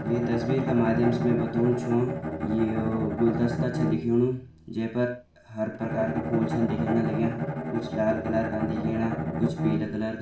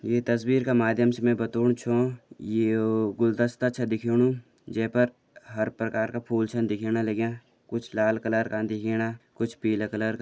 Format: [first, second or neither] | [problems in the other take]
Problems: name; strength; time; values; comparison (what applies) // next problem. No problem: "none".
second | background sound (Bowed string instrument); 3 dB below the speech // room echo; dies away in 0.4 s